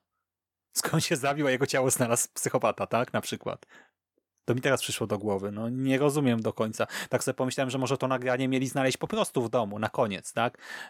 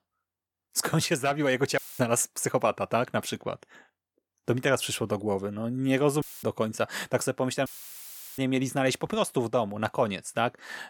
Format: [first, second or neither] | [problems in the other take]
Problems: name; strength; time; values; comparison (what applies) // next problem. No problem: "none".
first | audio cutting out; filled with static; at 2 s, at 6 s and at 7.5 s for 0.5 s